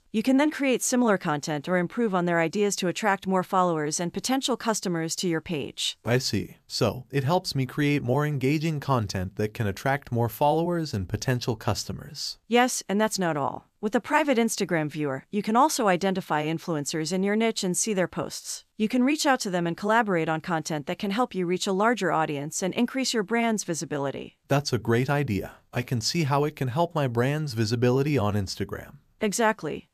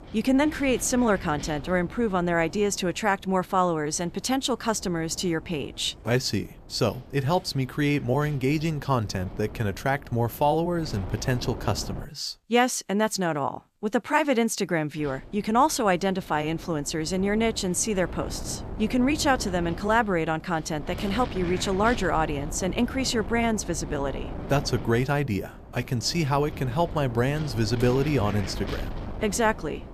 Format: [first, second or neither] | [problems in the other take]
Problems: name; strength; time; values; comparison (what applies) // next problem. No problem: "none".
first | wind noise on the microphone; occasional gusts; until 12 s and from 15 s on; 15 dB below the speech